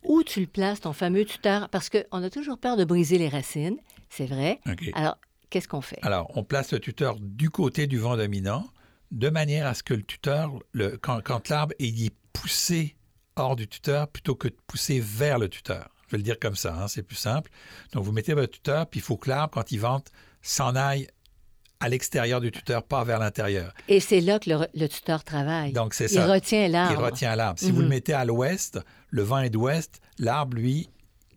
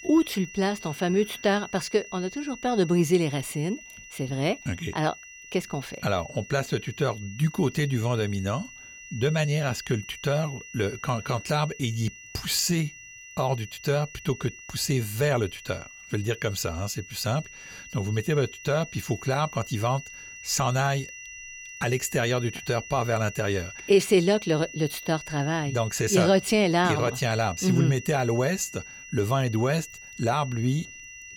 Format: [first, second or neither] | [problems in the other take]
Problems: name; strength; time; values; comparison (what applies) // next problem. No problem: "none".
first | high-pitched whine; noticeable; throughout; 3 kHz, 15 dB below the speech